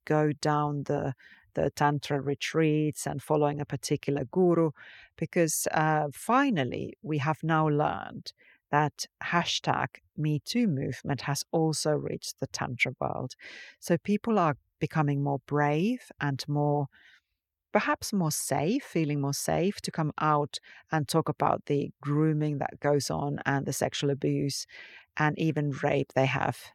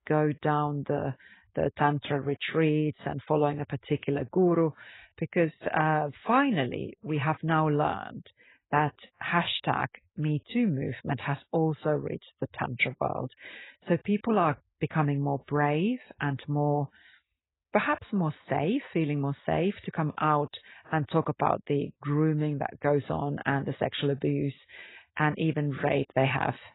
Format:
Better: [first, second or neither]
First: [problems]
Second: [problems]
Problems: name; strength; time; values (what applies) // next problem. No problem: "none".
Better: first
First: none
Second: garbled, watery; badly; nothing above 4 kHz